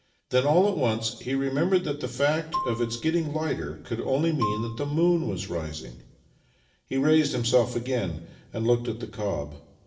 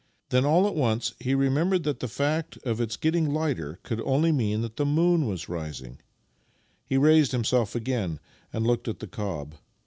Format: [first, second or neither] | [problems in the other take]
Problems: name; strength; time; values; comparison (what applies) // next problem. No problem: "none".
second | background sound (Marimba, xylophone); 11 dB below the speech // room echo; dies away in 0.6 s